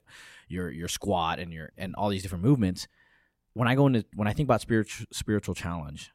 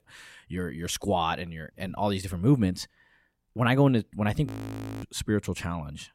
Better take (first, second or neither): first